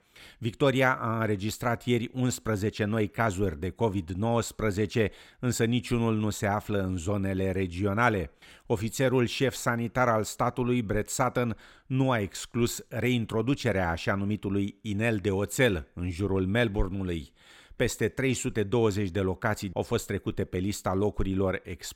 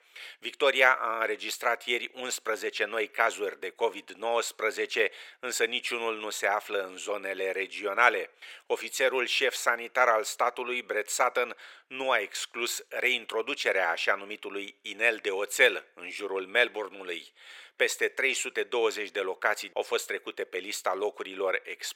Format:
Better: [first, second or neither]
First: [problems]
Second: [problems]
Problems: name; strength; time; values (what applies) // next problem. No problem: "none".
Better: first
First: none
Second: thin; very; fading below 450 Hz